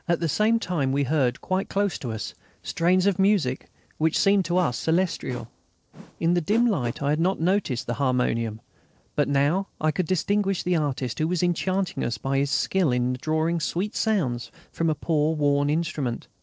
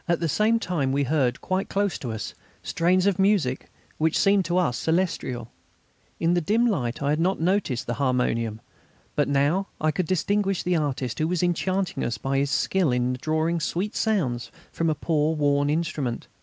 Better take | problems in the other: second | noise reduction (neural separator model SepFormer DNS4)

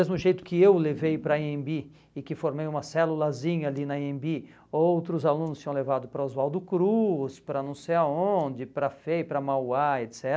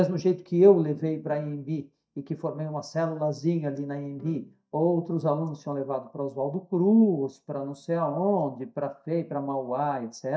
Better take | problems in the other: first | noise reduction (neural mask model DeepFilterNet 3)

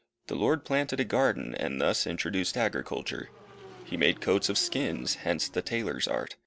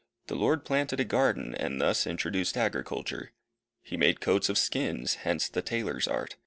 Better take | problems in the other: second | background sound (Motorcycle / Engine); 19 dB below the speech

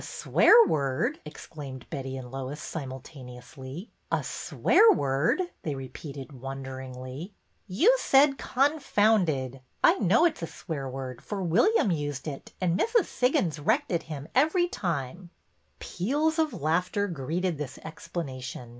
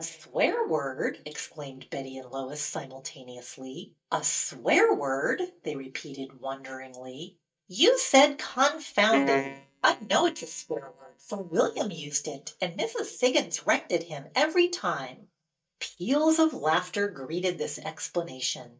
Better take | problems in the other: first | noise reduction (neural mask model DeepFilterNet 3)

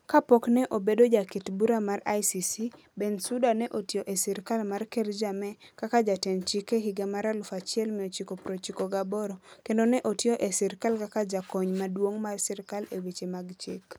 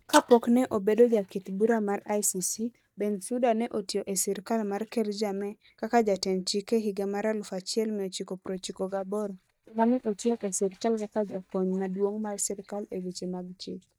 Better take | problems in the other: first | noise reduction (neural mask model DeepFilterNet 3)

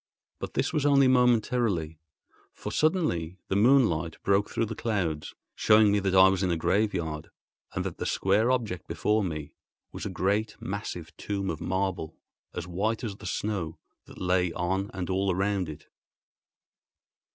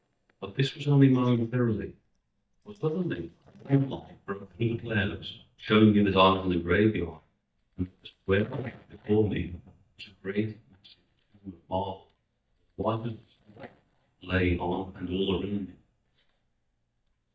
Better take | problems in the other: first | noise reduction (neural mask model DeepFilterNet 3)

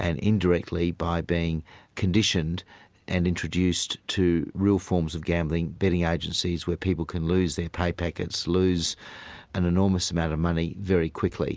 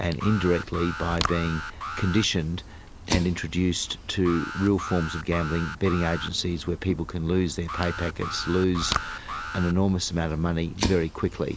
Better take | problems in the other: first | background sound (Fire + Alarm); 8 dB below the speech

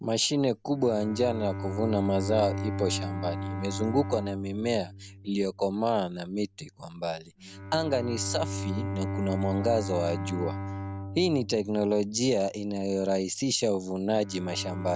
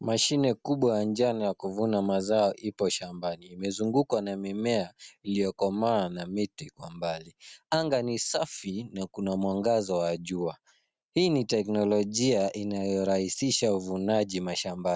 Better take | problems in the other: second | background sound (Bowed string instrument); 7 dB below the speech

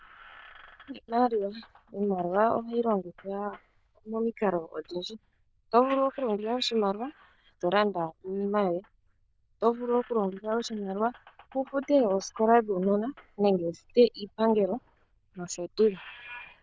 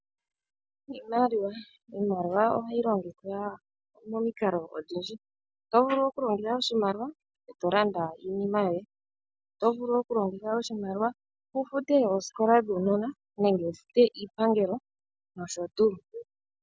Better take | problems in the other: second | noise reduction (neural diffusion model UNIVERSE++)

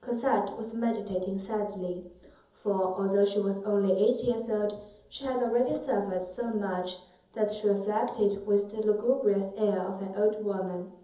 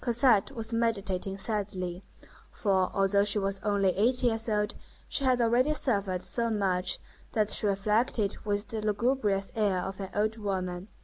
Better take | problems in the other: second | room echo; dies away in 0.7 s

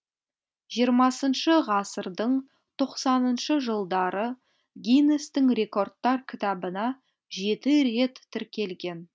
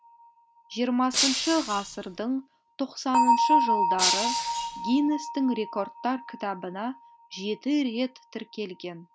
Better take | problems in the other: first | background sound (Shatter + Bell); as loud as the speech

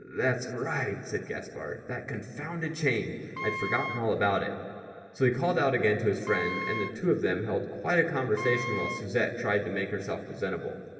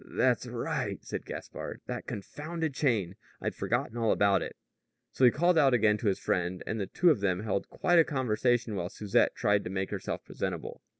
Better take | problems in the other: second | background sound (Wind instrument, woodwind instrument); 7 dB below the speech // room echo; dies away in 2.6 s

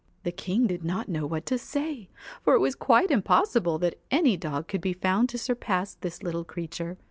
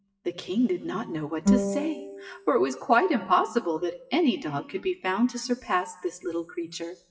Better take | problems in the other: first | noise reduction (classical method WPE with log-MMSE)

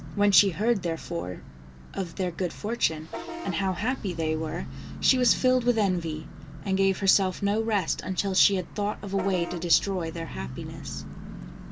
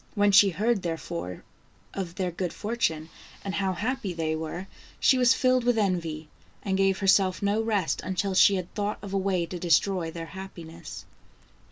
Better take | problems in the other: second | background sound (Bus / Vehicle horn, car horn, honking); 11 dB below the speech

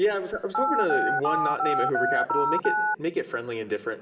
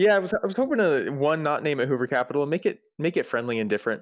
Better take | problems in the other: second | background sound (Telephone); 3 dB above the speech // room echo; dies away in 2.2 s

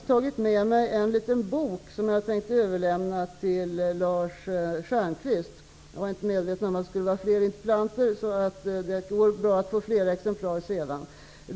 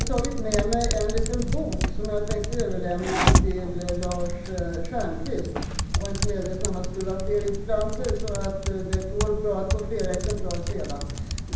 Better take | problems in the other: first | background sound (Typing); 3 dB above the speech // room echo; dies away in 0.9 s

